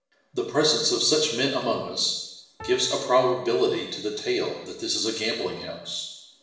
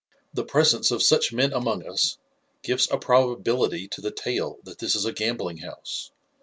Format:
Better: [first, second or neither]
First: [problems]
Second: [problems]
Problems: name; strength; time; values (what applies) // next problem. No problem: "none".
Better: second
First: background sound (Piano); 18 dB below the speech // room echo; dies away in 0.9 s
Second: none